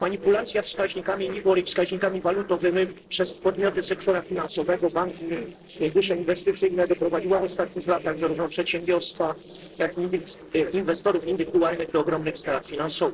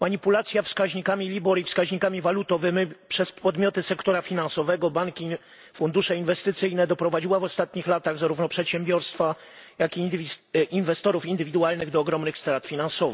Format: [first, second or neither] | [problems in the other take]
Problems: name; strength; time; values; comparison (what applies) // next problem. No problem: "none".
second | noise reduction (neural separator model SepFormer DNS4)